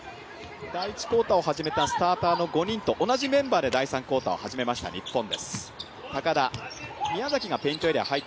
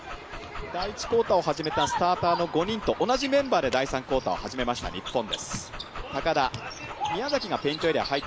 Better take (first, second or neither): first